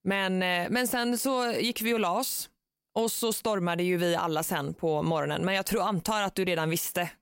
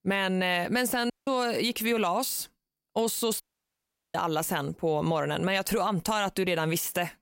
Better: first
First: none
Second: audio cutting out; at 1 s and at 3.5 s for 0.5 s

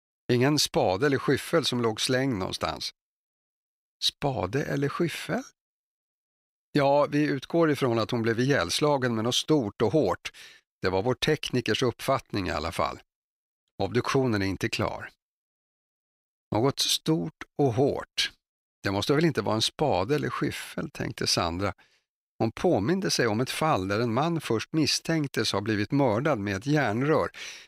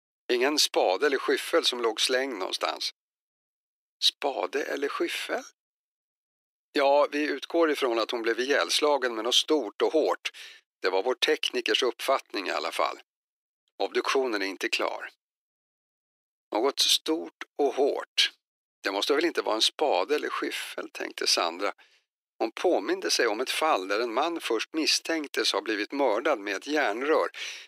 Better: first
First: none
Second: thin; somewhat; fading below 300 Hz

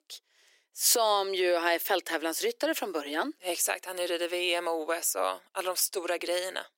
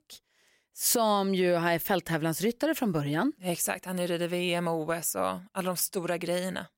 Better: second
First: thin; very; fading below 350 Hz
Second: none

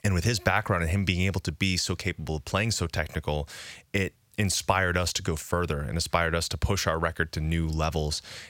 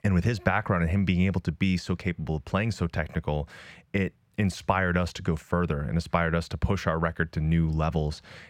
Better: first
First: none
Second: muffled; slightly; fading above 3.5 kHz

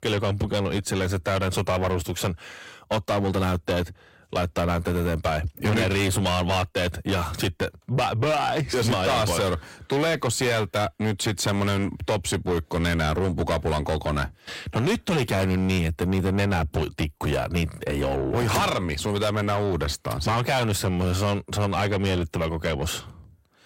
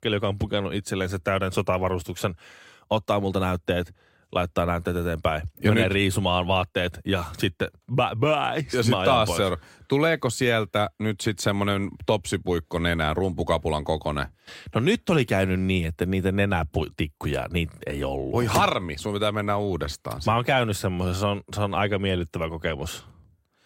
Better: second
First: distortion; heavy; 7 dB below the speech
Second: none

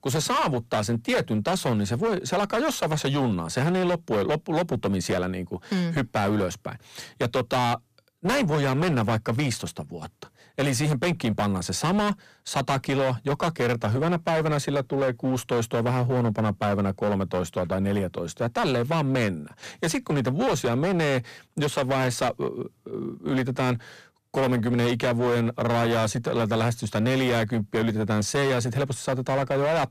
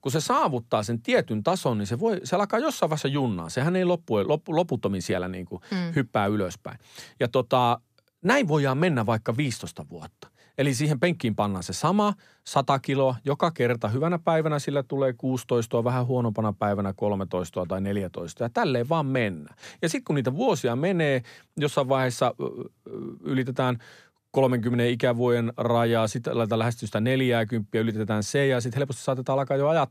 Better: second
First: distortion; heavy; 19% of the sound clipped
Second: none

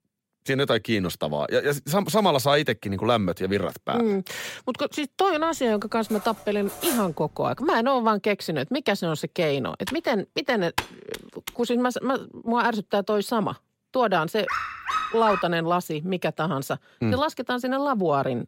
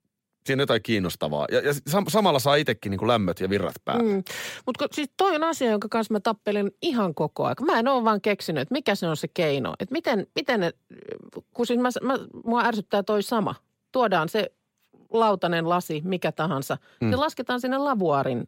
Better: second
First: clattering dishes; noticeable; at 6 s; peak 4 dB below the speech // keyboard typing; noticeable; from 10 to 11 s; peak 6 dB below the speech // dog barking; noticeable; at 14 s; peak 2 dB below the speech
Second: none

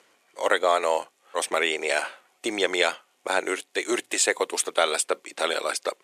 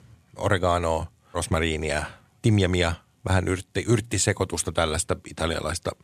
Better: second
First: thin; very; fading below 400 Hz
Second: none

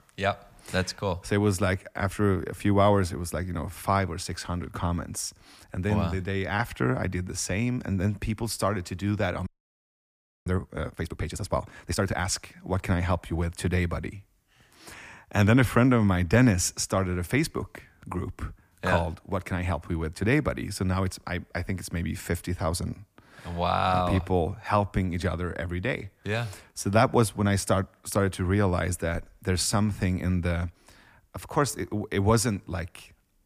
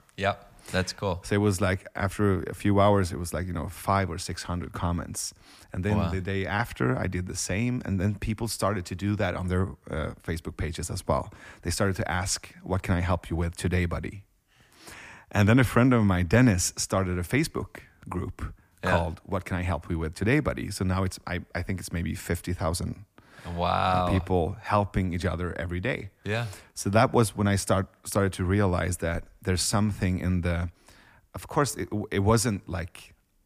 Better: second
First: audio freezing; at 9.5 s for 1 s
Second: none

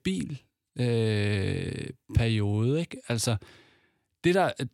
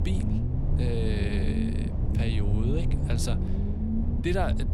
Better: first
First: none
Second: low rumble; loud; throughout; 4 dB below the speech

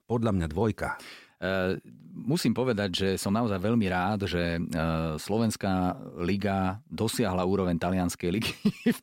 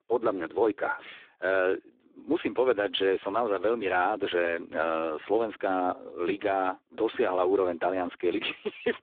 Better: first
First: none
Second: phone-call audio; poor line

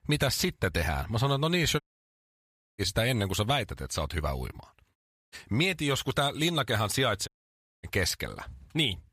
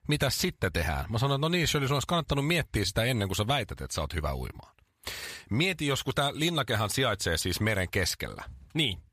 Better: second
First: audio cutting out; at 2 s for 1 s, at 5 s and at 7.5 s for 0.5 s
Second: none

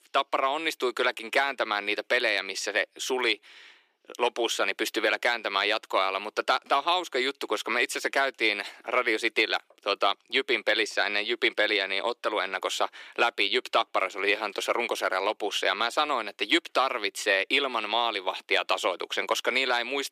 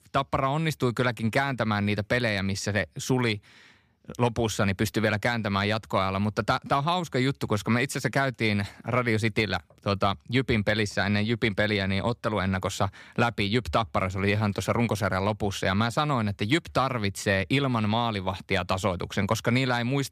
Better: second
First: thin; very; fading below 350 Hz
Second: none

